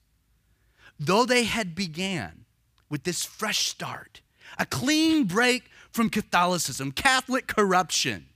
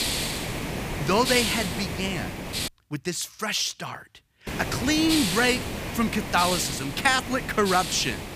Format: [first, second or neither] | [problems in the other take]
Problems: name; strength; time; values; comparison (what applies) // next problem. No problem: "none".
first | hiss; loud; until 2.5 s and from 4.5 s on; 4 dB below the speech